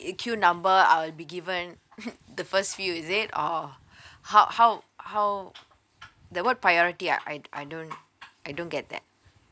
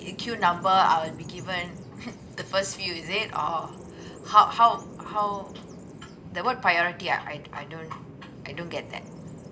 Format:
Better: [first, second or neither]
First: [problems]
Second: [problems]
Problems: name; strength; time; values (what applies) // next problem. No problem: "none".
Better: first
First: none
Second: background sound (Bird vocalization, bird call, bird song); 15 dB below the speech // room echo; dies away in 0.5 s